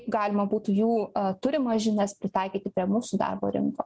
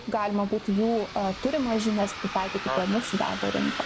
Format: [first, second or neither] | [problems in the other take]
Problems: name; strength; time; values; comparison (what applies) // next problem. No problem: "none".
first | background sound (Bus); 9 dB below the speech